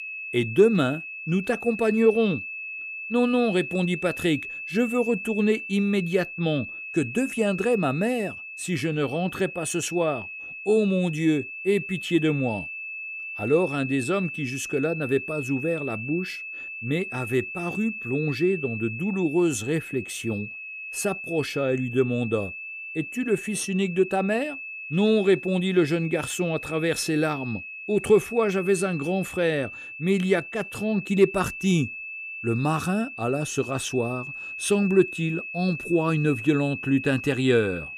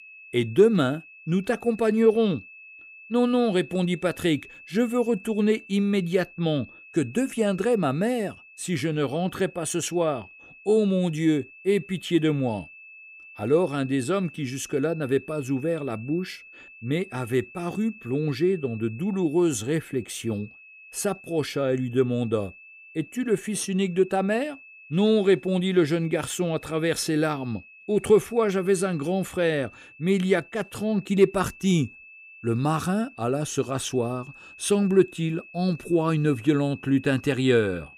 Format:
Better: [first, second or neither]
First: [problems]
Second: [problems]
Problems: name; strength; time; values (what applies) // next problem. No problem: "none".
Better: second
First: high-pitched whine; loud; throughout; 2.5 kHz, 9 dB below the speech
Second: high-pitched whine; faint; throughout; 2.5 kHz, 20 dB below the speech